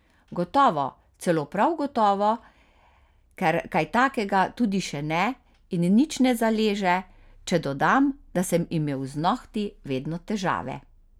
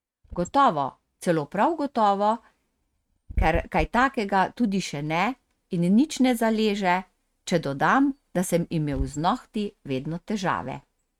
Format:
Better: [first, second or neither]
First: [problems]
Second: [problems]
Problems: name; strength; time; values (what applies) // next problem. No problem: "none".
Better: first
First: none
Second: noise reduction (neural mask model RNNoise)